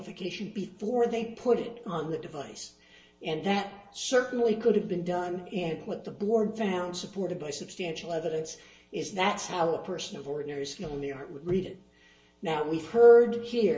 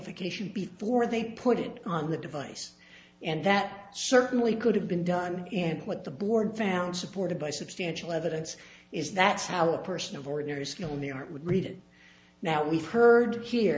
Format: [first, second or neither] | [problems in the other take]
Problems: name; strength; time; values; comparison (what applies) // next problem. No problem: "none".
second | room echo; dies away in 0.2 s